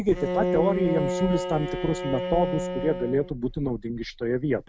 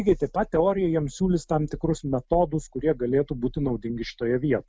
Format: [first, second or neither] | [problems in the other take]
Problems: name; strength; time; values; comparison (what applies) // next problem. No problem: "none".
second | background sound (Bowed string instrument); 4 dB below the speech